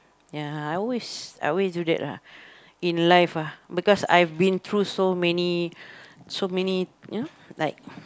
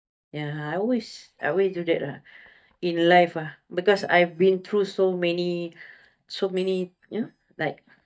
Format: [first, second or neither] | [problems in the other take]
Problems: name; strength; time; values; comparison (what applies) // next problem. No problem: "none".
first | noise reduction (neural mask model DeepFilterNet 3)